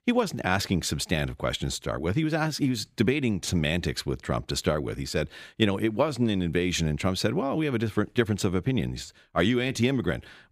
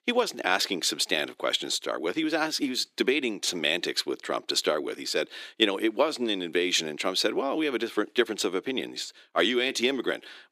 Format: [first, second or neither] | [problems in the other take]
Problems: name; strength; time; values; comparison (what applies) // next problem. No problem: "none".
first | thin; somewhat; fading below 300 Hz